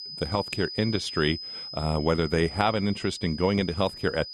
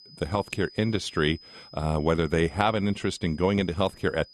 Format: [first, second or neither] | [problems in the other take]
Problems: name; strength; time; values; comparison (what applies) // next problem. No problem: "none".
second | high-pitched whine; loud; throughout; 5 kHz, 10 dB below the speech; faint in the second